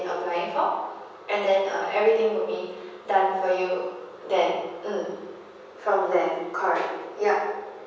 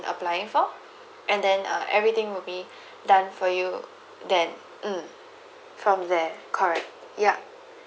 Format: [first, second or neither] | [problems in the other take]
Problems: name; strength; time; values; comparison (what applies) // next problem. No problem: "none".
second | room echo; dies away in 1.1 s